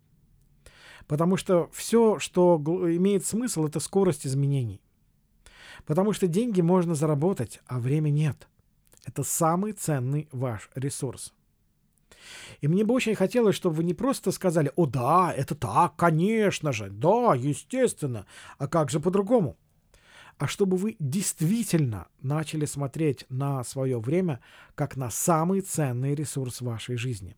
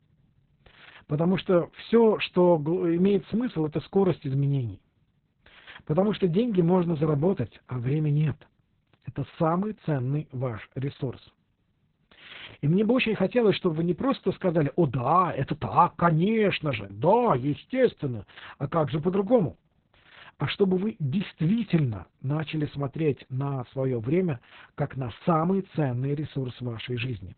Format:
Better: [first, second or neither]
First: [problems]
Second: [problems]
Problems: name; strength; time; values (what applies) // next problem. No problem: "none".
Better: first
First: none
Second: garbled, watery; badly; nothing above 4 kHz